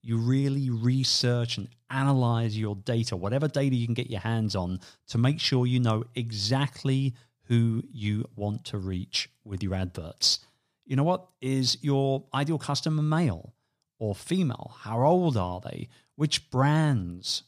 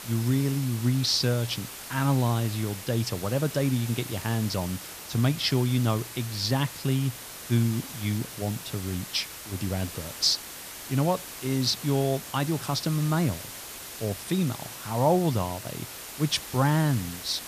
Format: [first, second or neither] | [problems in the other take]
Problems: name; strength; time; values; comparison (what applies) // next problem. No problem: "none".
first | hiss; noticeable; throughout; 10 dB below the speech